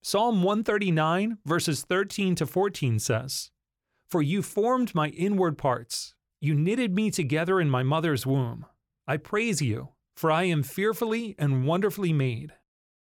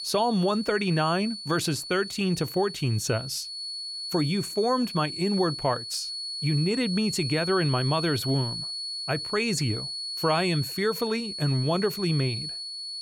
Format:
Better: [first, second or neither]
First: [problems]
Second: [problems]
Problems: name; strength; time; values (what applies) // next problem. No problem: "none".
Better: first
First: none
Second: high-pitched whine; loud; throughout; 4.5 kHz, 6 dB below the speech